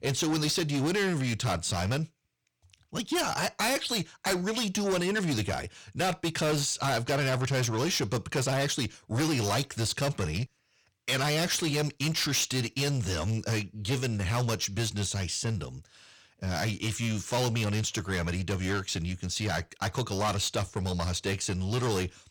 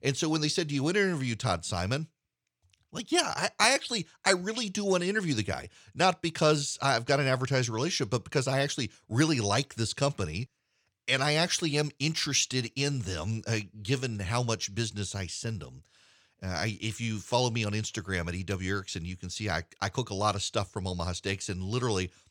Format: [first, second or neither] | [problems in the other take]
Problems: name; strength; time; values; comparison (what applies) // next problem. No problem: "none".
second | distortion; heavy; 6 dB below the speech